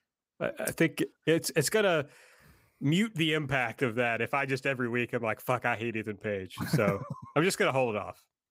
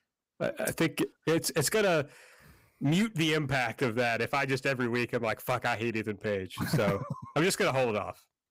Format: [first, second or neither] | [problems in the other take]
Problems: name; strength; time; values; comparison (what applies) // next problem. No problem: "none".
first | distortion; slight; 8% of the sound clipped